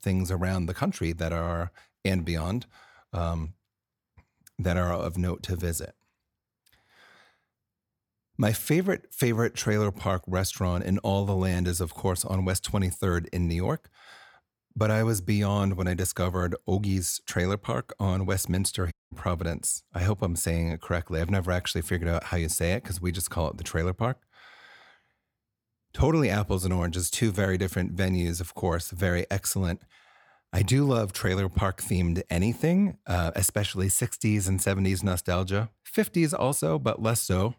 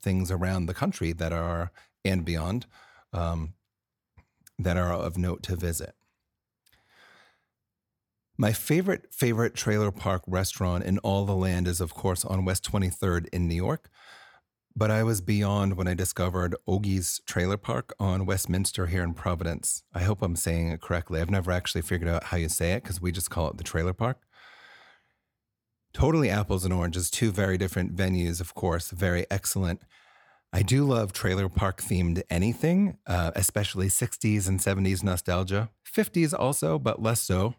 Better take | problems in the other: second | audio cutting out; at 19 s

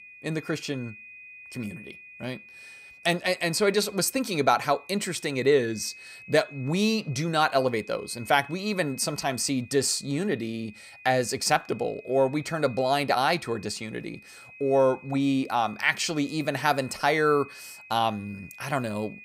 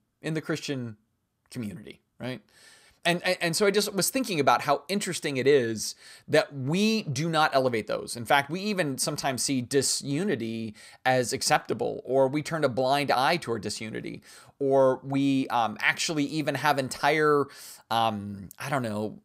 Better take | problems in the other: second | high-pitched whine; noticeable; throughout; 2.5 kHz, 20 dB below the speech

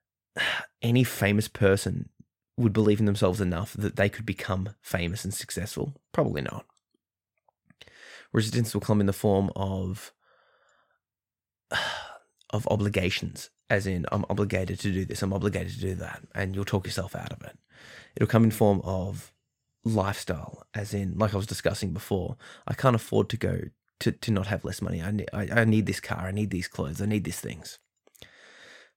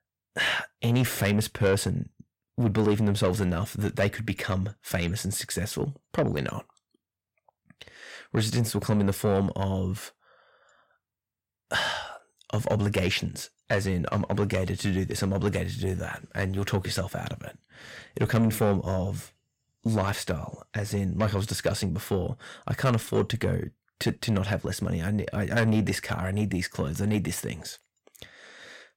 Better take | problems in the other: first | distortion; slight; 10 dB below the speech

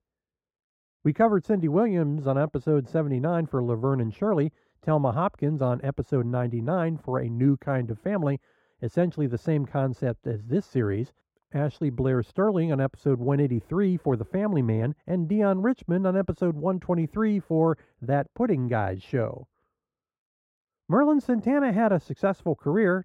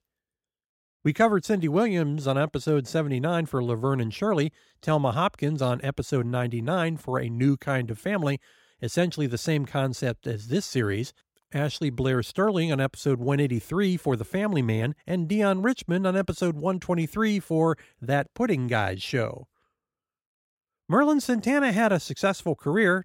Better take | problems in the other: second | muffled; very; fading above 2 kHz

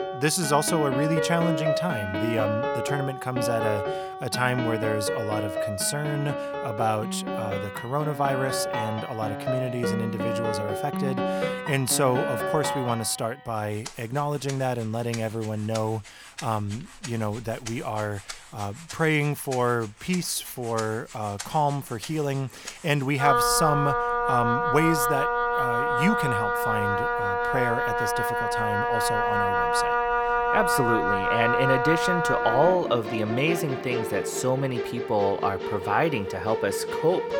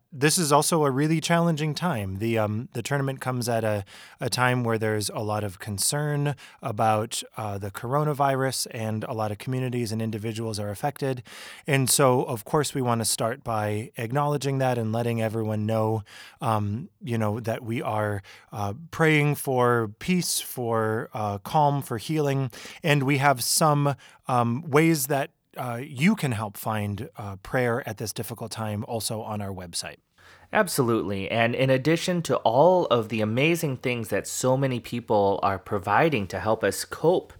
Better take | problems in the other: second | background music; very loud; throughout; as loud as the speech

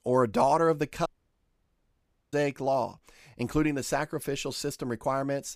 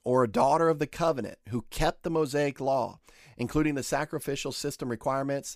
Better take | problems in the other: second | audio cutting out; at 1 s for 1.5 s

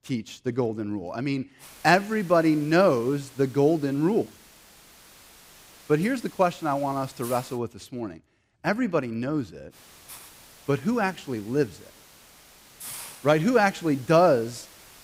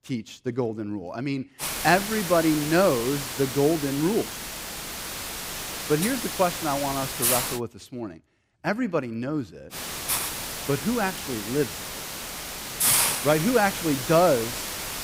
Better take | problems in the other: first | hiss; loud; from 1.5 to 7.5 s and from 9.5 s on; 3 dB below the speech; faint in the first

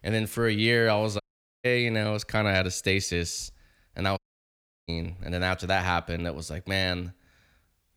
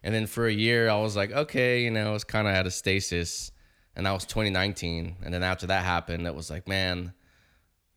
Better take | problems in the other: second | audio cutting out; at 1 s and at 4 s for 0.5 s

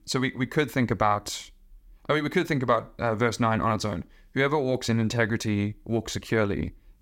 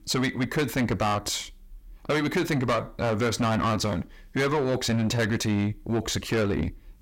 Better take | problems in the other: first | distortion; heavy; 7 dB below the speech

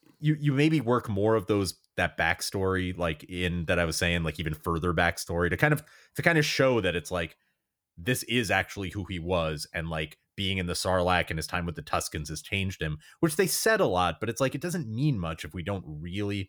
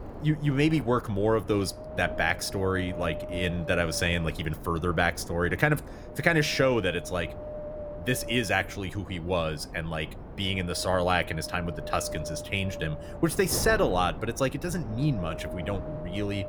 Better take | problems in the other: first | wind noise on the microphone; occasional gusts; 10 dB below the speech

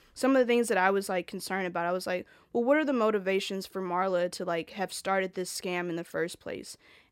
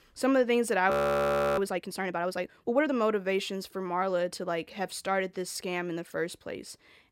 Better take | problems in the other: first | audio freezing; at 1 s for 0.5 s

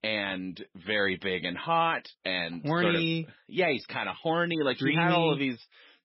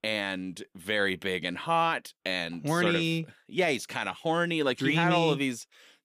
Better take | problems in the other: second | garbled, watery; badly; nothing above 5.5 kHz

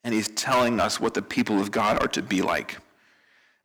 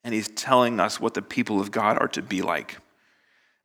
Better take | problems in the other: second | distortion; heavy; 5% of the sound clipped

